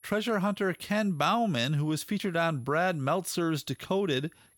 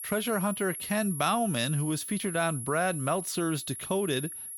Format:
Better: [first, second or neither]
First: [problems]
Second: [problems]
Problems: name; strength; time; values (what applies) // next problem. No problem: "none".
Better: first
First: high-pitched whine; faint; throughout; 11 kHz, 30 dB below the speech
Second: high-pitched whine; loud; throughout; 11 kHz, 7 dB below the speech